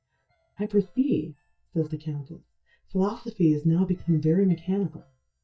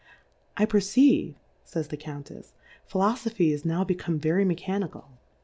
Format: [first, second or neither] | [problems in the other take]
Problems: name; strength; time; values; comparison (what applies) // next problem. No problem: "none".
second | noise reduction (neural mask model DeepFilterNet 3)